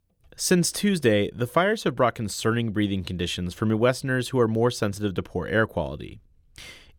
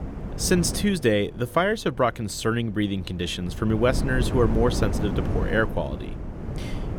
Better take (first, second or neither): first